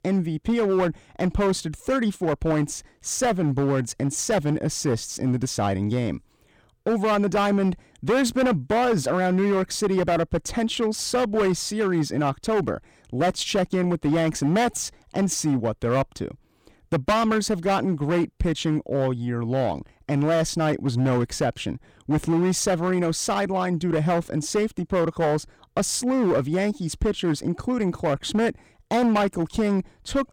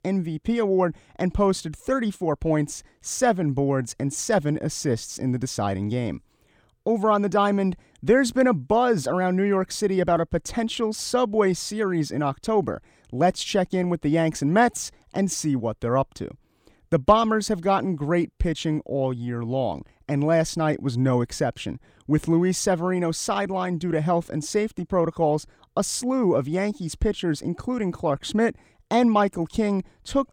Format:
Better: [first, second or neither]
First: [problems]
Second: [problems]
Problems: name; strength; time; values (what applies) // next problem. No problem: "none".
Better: second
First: distortion; slight; 12% of the sound clipped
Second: none